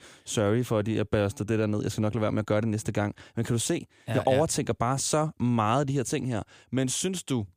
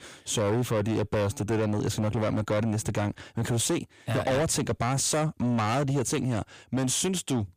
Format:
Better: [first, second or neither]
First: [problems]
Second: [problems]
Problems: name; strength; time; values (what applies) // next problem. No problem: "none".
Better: first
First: none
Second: distortion; heavy; 7 dB below the speech